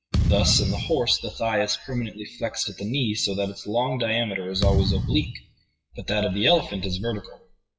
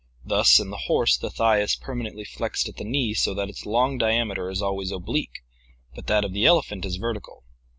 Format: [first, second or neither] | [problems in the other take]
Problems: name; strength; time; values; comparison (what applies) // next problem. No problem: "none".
second | noise reduction (classical method WPE with log-MMSE)